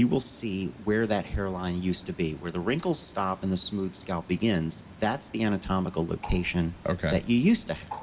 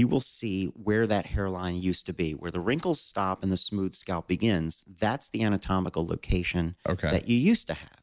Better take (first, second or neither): second